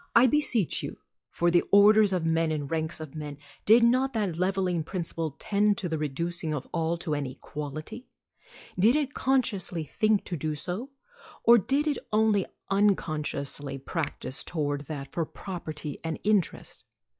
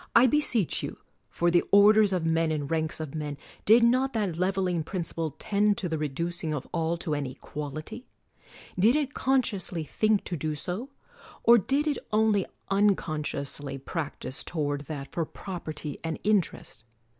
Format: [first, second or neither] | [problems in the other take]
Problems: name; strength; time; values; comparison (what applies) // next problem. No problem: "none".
second | noise reduction (classical method log-MMSE)